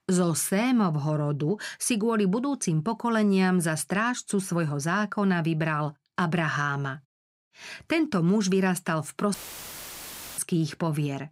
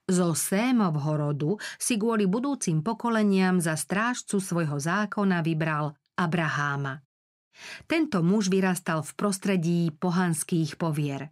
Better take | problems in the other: second | audio cutting out; filled with static; at 9.5 s for 1 s

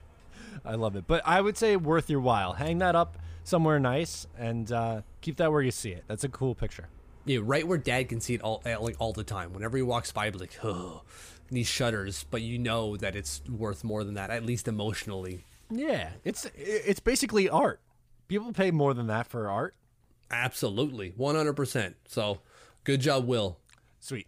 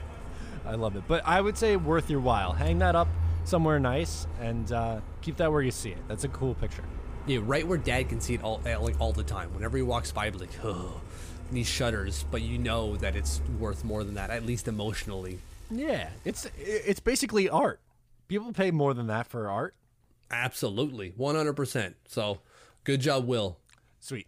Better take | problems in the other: first | traffic noise; loud; until 17 s; 7 dB below the speech; faint in the first

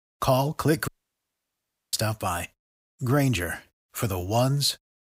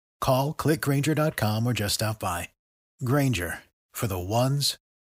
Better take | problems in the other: second | audio cutting out; at 1 s for 1 s

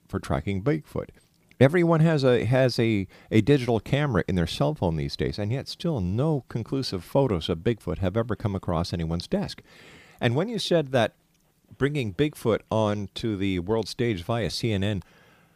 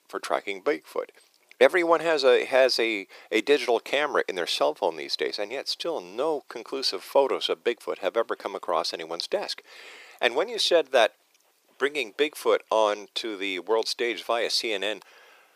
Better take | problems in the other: first | thin; very; fading below 400 Hz

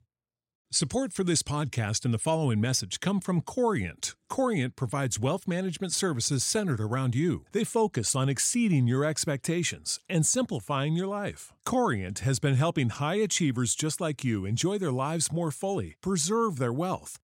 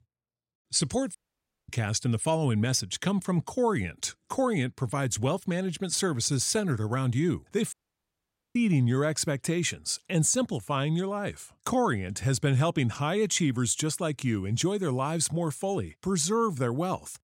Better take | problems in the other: first | audio cutting out; at 1 s for 0.5 s and at 7.5 s for 1 s

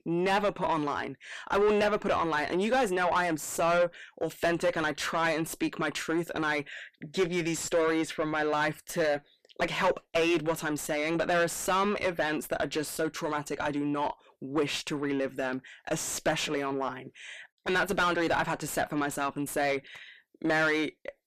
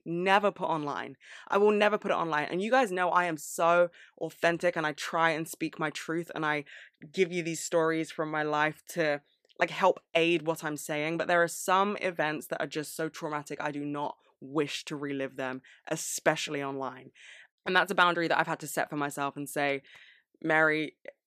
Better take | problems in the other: second | distortion; heavy; 5 dB below the speech

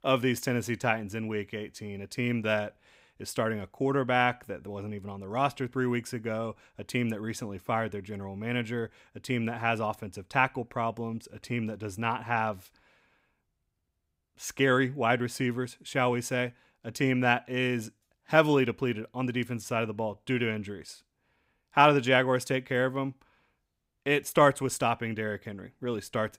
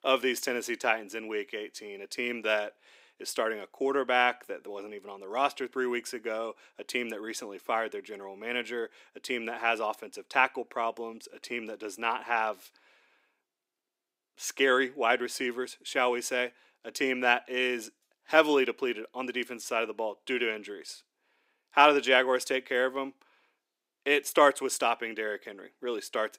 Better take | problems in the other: first | thin; somewhat; fading below 350 Hz

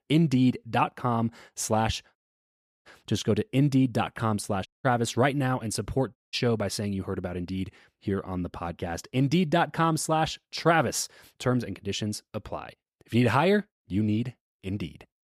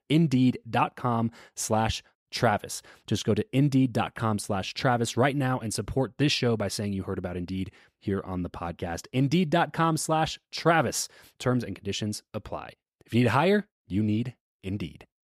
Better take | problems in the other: second | audio cutting out; at 2 s for 0.5 s, at 4.5 s and at 6 s

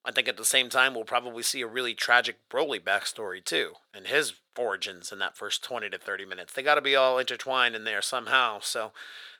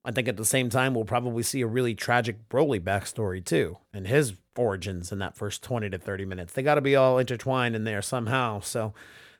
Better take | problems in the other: second | thin; very; fading below 500 Hz

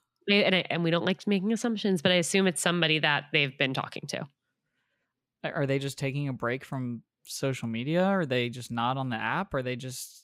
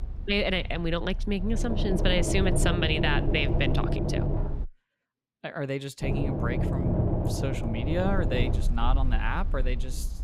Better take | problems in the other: first | low rumble; loud; until 4.5 s and from 6 s on; 5 dB below the speech

